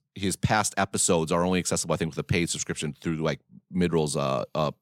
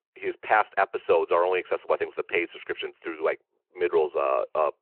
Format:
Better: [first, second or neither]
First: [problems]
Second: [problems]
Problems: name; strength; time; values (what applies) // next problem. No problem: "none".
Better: first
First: none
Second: phone-call audio